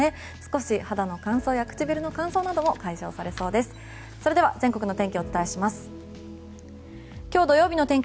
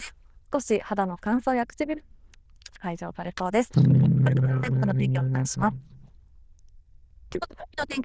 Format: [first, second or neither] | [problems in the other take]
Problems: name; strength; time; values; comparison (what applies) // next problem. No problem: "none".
first | noise reduction (neural diffusion model UNIVERSE++)